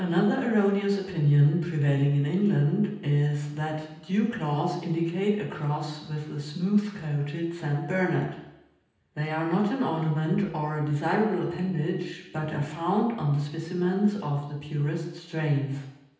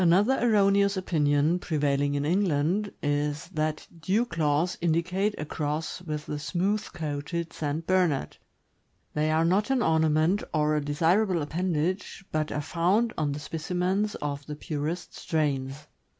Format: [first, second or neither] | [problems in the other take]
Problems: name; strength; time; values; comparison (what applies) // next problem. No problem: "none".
second | room echo; dies away in 0.9 s